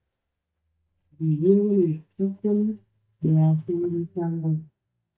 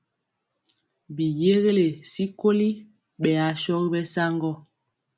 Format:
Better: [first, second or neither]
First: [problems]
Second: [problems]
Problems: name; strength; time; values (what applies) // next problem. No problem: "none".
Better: second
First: noise reduction (neural mask model DeepFilterNet 3)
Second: none